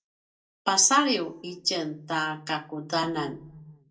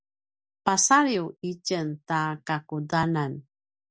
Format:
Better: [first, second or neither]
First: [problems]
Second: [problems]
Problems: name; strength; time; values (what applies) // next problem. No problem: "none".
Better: second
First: room echo; dies away in 0.2 s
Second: none